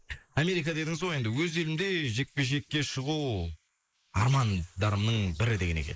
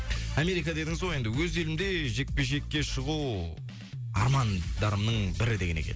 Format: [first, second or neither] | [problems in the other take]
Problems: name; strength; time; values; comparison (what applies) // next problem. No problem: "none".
second | noise reduction (neural mask model Resemble Enhance denoiser)